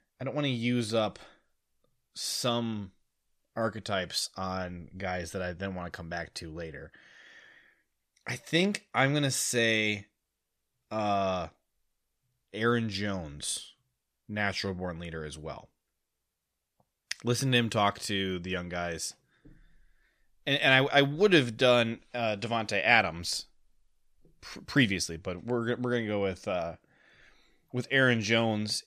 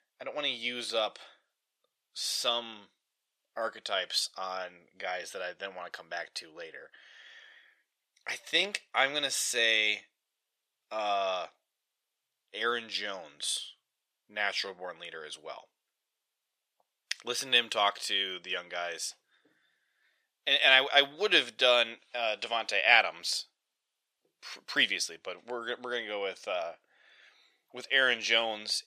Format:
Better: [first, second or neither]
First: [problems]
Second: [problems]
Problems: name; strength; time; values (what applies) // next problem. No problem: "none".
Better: first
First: none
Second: thin; very; fading below 600 Hz